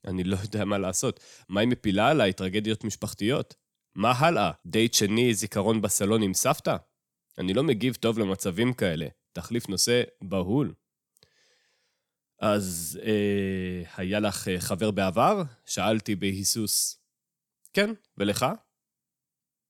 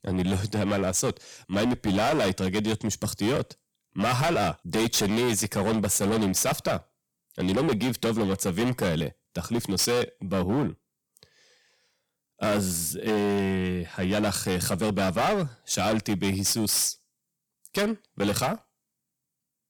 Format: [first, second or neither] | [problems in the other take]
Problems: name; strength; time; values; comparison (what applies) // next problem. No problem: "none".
first | distortion; heavy; 16% of the sound clipped